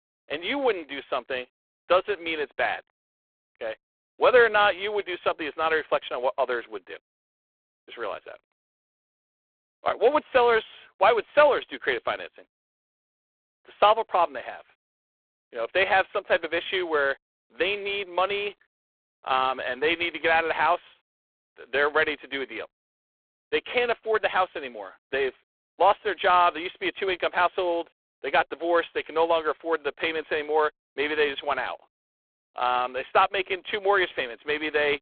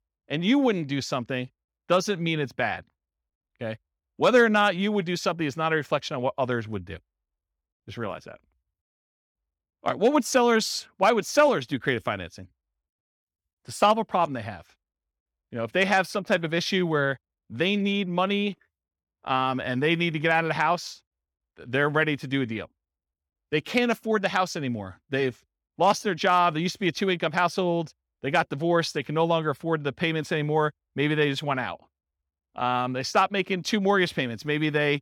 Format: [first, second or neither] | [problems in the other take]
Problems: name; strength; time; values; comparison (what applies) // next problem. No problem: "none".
second | phone-call audio; poor line